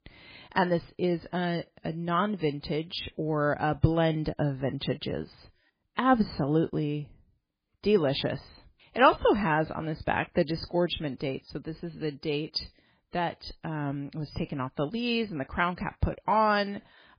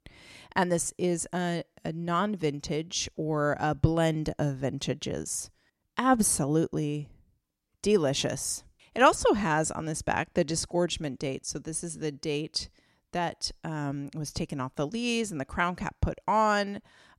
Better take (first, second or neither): second